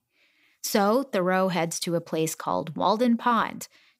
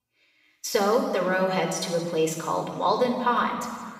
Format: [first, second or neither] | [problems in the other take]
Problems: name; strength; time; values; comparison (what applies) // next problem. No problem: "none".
first | room echo; noticeable; dies away in 1.5 s // off-mic speech; somewhat distant